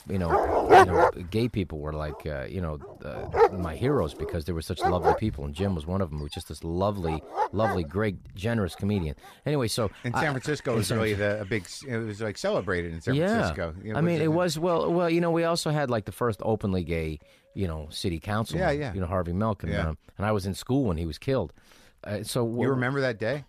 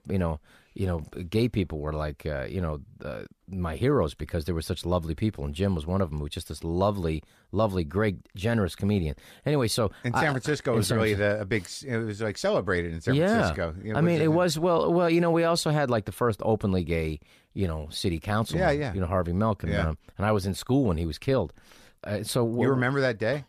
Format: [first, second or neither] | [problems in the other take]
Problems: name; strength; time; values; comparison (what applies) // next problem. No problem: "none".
second | animal sounds; very loud; throughout; 4 dB above the speech